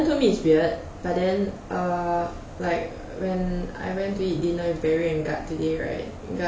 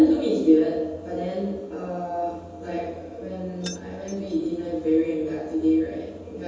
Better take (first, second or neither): first